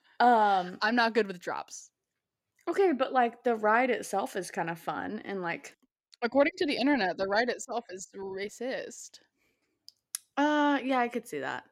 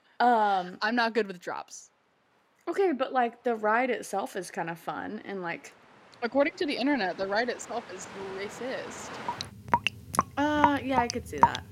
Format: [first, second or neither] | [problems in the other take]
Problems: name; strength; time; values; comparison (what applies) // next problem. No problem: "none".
first | rain or running water; loud; throughout; 2 dB below the speech